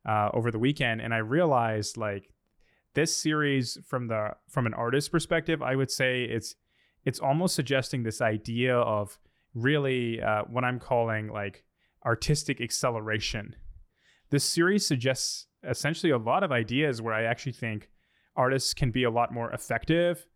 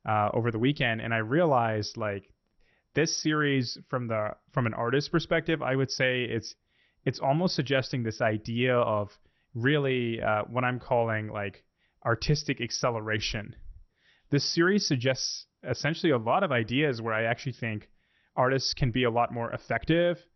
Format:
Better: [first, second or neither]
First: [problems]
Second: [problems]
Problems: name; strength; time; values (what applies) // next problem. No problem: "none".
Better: first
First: none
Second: garbled, watery; slightly; nothing above 6 kHz